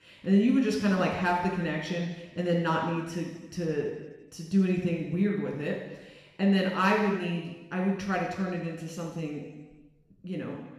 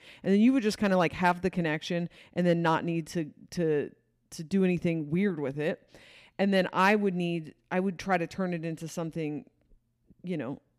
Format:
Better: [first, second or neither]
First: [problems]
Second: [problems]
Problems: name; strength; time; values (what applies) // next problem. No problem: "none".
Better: second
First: room echo; noticeable; dies away in 1.1 s // off-mic speech; far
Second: none